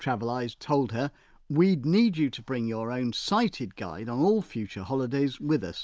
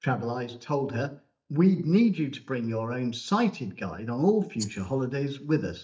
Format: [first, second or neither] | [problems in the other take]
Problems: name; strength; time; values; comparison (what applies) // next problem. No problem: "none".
first | noise reduction (neural mask model DeepFilterNet 3)